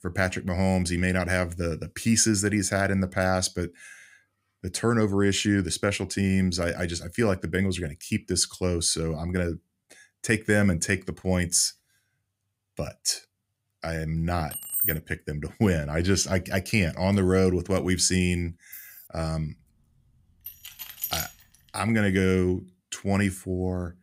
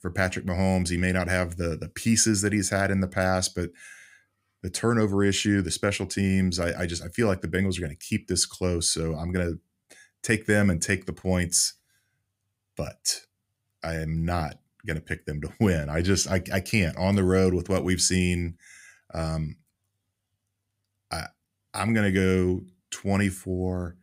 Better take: second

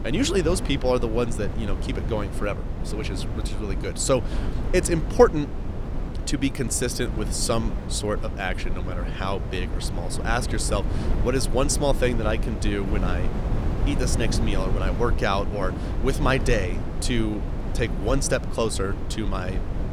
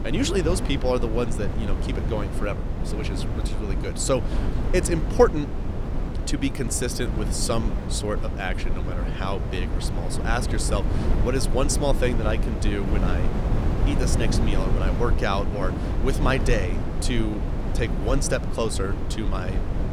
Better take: first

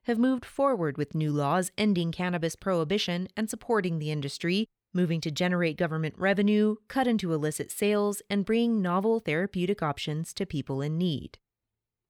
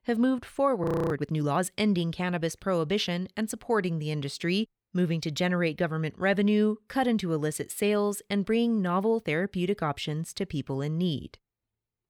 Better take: first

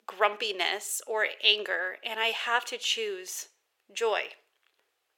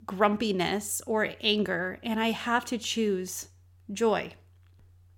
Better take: second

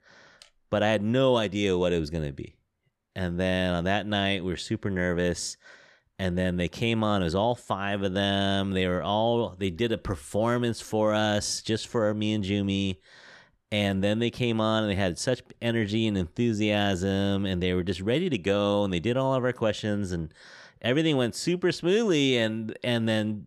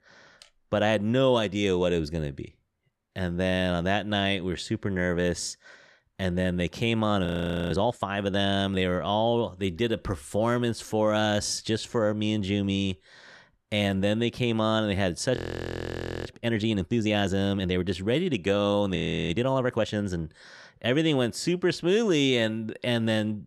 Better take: first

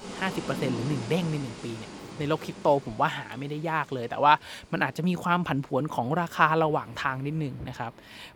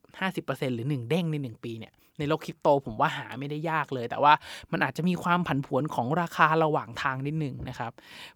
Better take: second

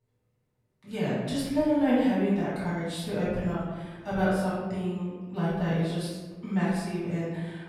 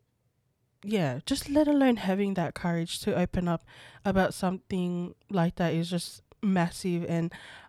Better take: second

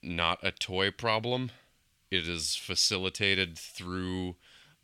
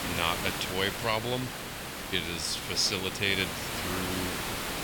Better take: first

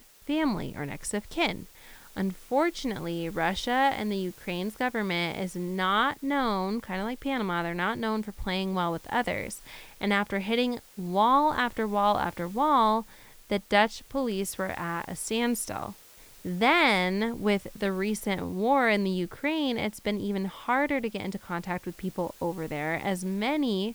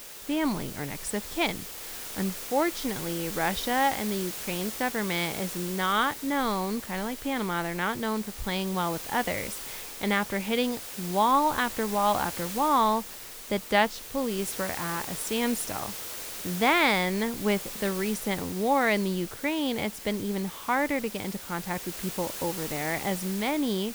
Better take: first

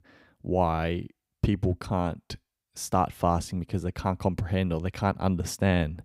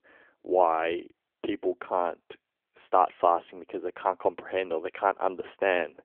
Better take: first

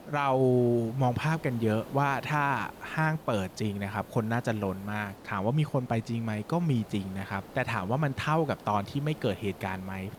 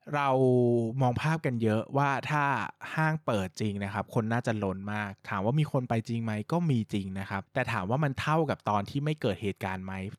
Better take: second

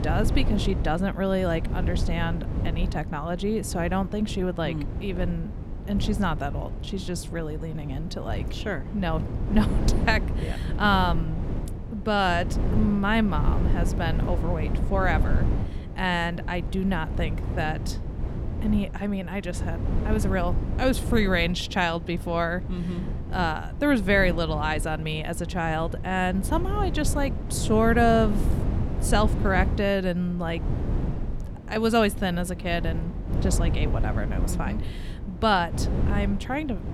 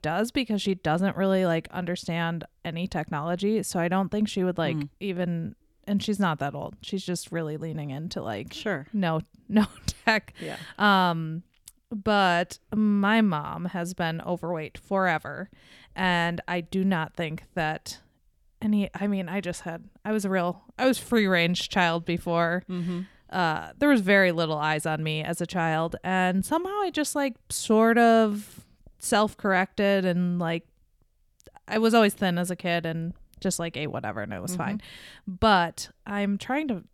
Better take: second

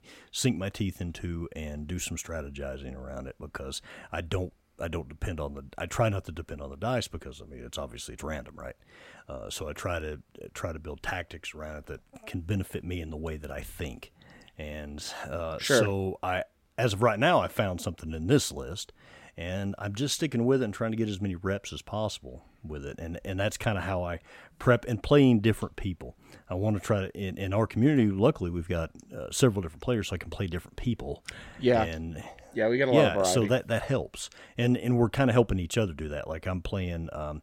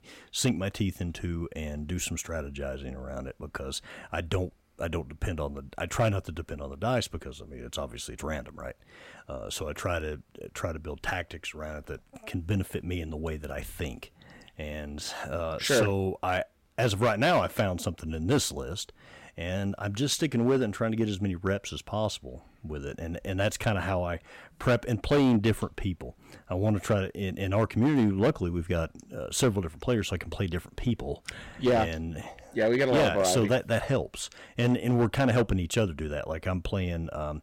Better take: first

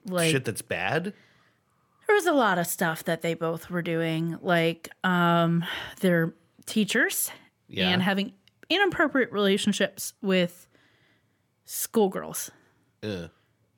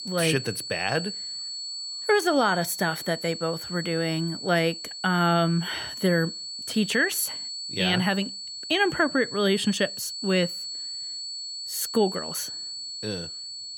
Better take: first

